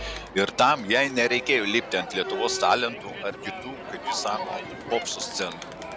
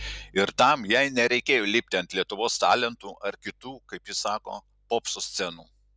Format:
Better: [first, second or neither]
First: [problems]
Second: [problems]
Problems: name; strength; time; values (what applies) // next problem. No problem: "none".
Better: second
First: background sound (Crowd); 9 dB below the speech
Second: none